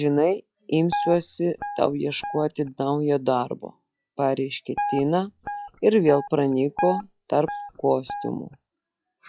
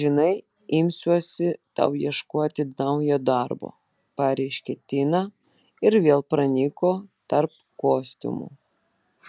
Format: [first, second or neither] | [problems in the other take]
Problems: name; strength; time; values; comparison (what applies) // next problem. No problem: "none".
second | noise reduction (classical method log-MMSE)